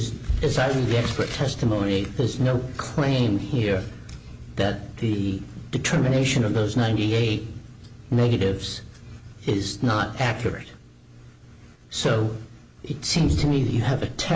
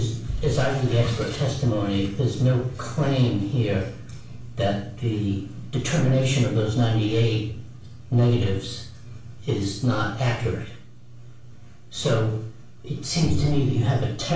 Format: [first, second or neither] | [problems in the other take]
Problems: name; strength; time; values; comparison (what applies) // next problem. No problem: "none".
first | room echo; dies away in 0.4 s